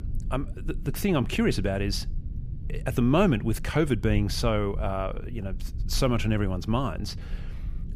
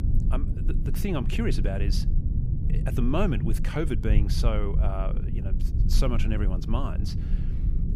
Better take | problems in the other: first | low rumble; loud; throughout; 9 dB below the speech; faint in the first

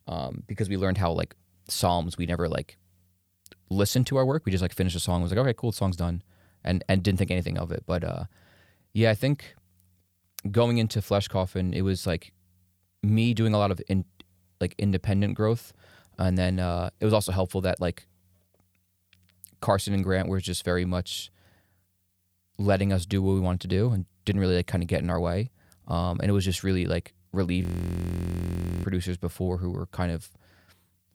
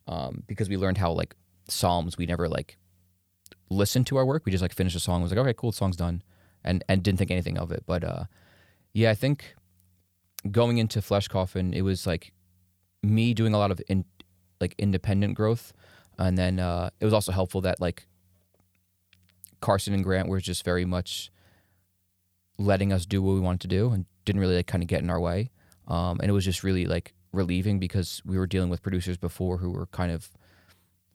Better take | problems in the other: second | audio freezing; at 28 s for 1 s

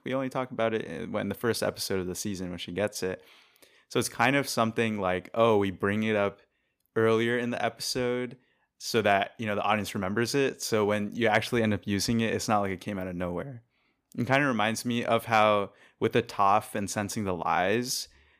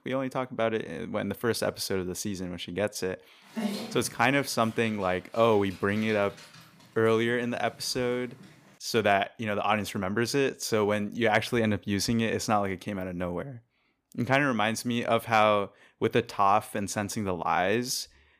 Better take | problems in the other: first | dog barking; noticeable; from 3.5 to 6 s; peak 5 dB below the speech

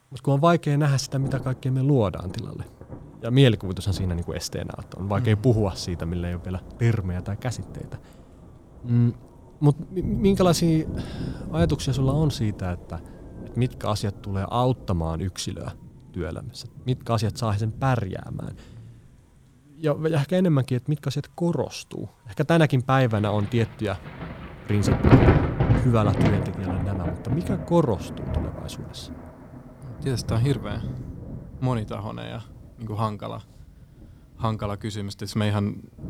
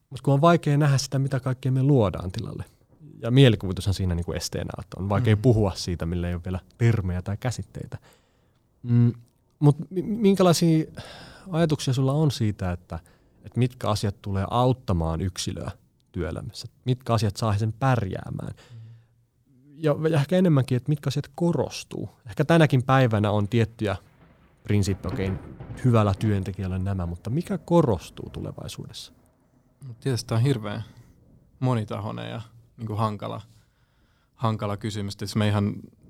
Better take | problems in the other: second | rain or running water; loud; throughout; 3 dB below the speech; faint in the second

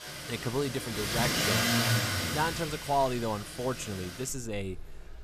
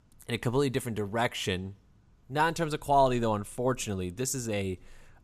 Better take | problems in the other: second | traffic noise; very loud; throughout; 3 dB above the speech

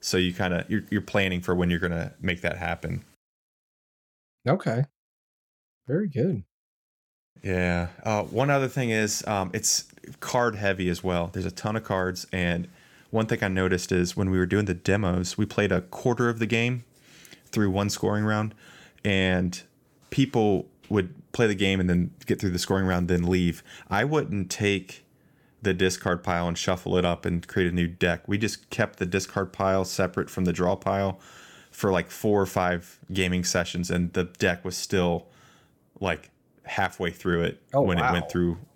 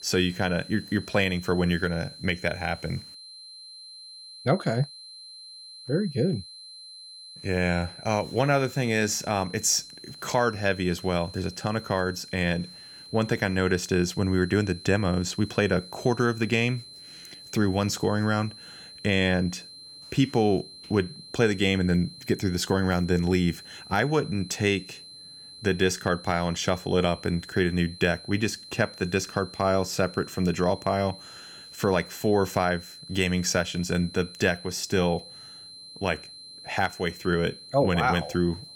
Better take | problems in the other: first | high-pitched whine; noticeable; throughout; 4 kHz, 15 dB below the speech

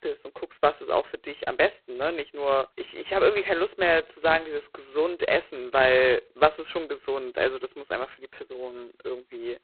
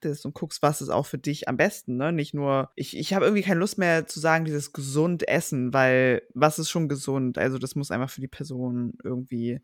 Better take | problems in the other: second | phone-call audio; poor line; nothing above 4 kHz

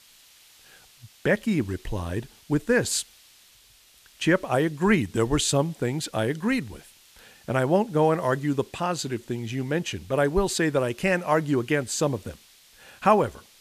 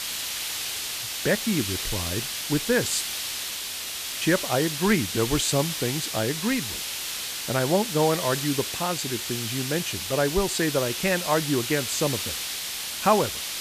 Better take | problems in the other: first | hiss; loud; throughout; 3 dB below the speech; faint in the first

